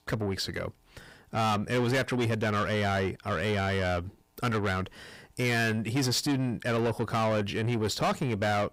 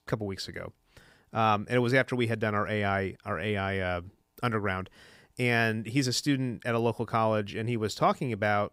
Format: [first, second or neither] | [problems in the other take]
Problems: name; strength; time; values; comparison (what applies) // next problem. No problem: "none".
second | distortion; heavy; 7 dB below the speech